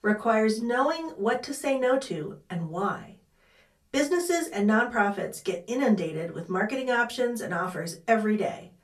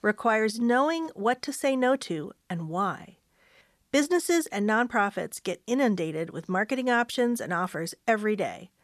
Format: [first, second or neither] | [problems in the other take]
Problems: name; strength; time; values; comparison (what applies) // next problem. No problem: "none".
second | off-mic speech; far // room echo; very slight; dies away in 0.2 s